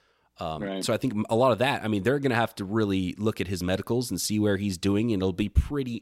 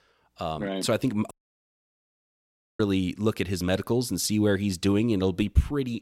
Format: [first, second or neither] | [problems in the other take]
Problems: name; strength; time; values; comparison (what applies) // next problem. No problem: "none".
first | audio cutting out; at 1.5 s for 1.5 s